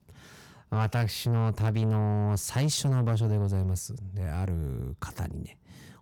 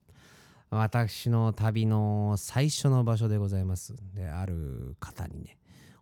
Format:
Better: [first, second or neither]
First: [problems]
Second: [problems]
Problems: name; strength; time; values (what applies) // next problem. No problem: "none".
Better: second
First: distortion; slight; 10 dB below the speech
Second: none